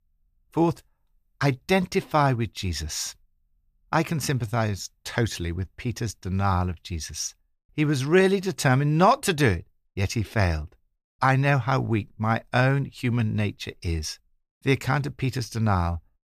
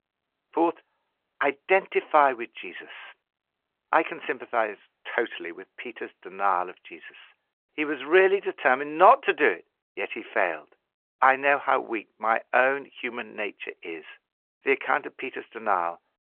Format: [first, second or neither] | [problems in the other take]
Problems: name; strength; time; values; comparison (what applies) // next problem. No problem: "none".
first | phone-call audio